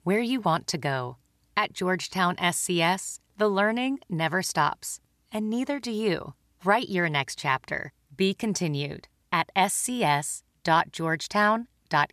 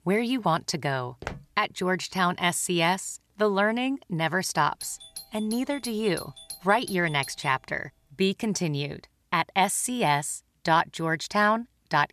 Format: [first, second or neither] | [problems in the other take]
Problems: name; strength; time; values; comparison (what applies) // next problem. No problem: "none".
first | footsteps; faint; at 1 s; peak 10 dB below the speech // doorbell; faint; from 5 to 7.5 s; peak 10 dB below the speech